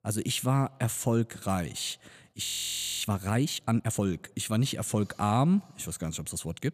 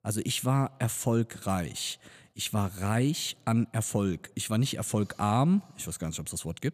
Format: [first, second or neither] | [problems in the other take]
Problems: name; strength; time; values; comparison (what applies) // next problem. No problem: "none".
second | audio freezing; at 2.5 s for 0.5 s